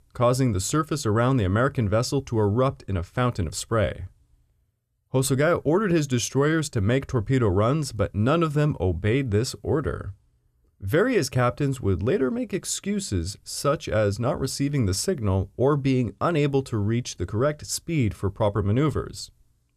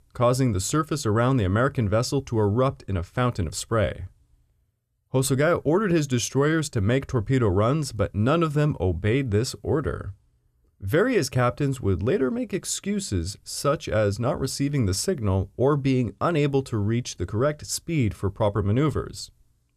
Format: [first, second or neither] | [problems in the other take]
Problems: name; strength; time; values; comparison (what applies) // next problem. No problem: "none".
neither | none